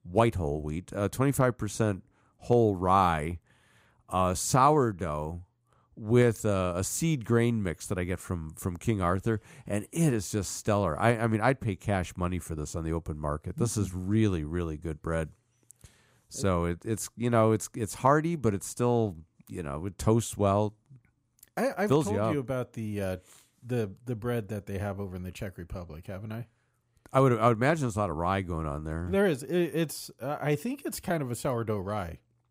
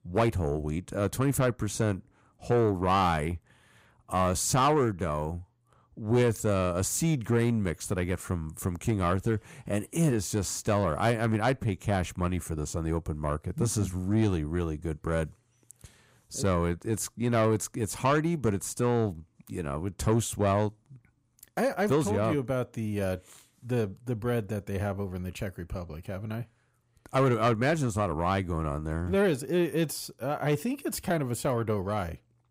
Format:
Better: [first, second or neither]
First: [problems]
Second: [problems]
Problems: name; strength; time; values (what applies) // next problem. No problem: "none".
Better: first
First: none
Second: distortion; slight; 10 dB below the speech